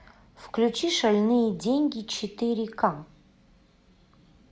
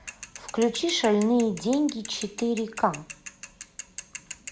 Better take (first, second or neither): first